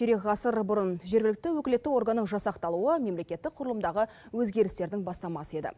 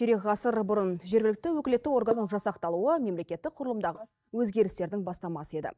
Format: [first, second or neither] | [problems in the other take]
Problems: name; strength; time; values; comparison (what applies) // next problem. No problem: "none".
first | noise reduction (neural mask model DeepFilterNet 3)